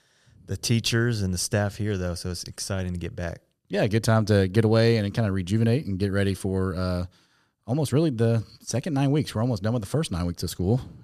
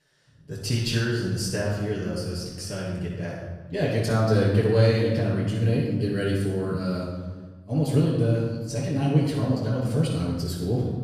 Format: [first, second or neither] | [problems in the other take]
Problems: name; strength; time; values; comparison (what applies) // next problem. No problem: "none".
first | off-mic speech; far // room echo; noticeable; dies away in 1.2 s